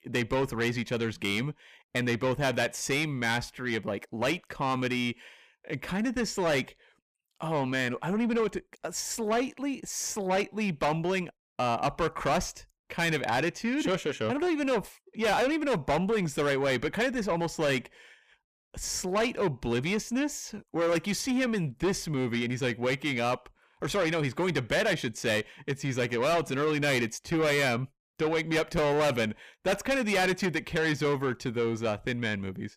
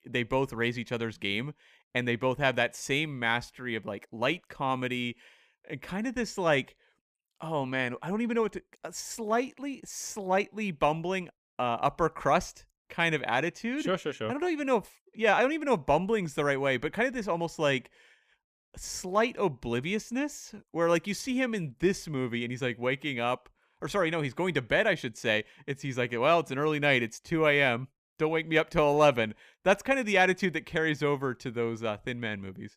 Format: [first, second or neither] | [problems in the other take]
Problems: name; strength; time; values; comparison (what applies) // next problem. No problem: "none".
second | distortion; heavy; 7 dB below the speech